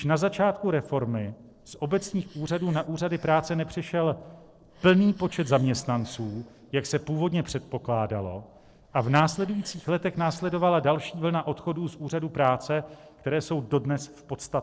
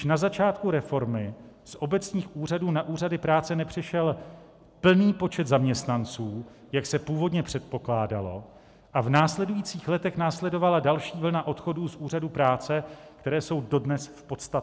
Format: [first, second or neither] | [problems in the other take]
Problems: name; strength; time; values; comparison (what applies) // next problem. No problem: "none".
second | noise reduction (neural separator model SepFormer DNS4)